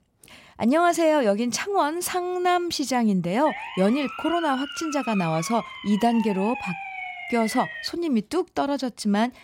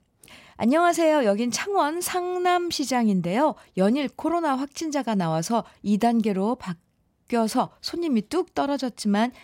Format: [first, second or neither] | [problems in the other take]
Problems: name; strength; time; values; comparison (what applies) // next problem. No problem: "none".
second | siren; noticeable; from 3.5 to 8 s; peak 8 dB below the speech